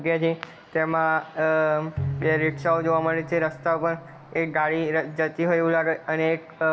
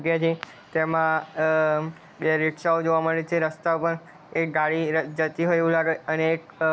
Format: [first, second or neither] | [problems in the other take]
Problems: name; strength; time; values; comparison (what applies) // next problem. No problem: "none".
second | background sound (Bowed string instrument); 11 dB below the speech // room echo; dies away in 1.3 s